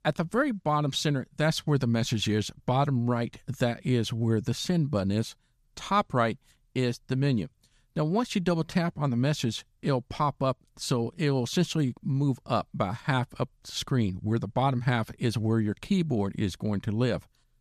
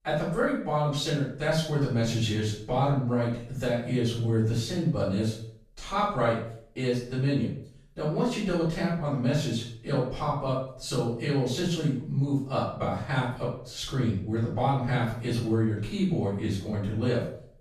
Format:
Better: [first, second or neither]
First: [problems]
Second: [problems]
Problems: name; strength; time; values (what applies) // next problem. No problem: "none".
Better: first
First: none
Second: off-mic speech; far // room echo; noticeable; dies away in 0.5 s